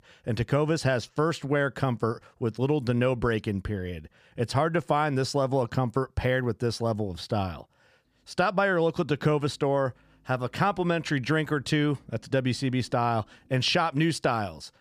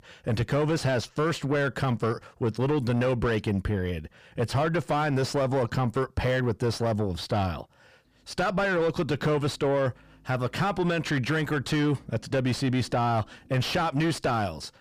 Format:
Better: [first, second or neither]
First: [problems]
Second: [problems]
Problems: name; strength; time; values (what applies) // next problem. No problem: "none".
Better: first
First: none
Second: distortion; heavy; 8 dB below the speech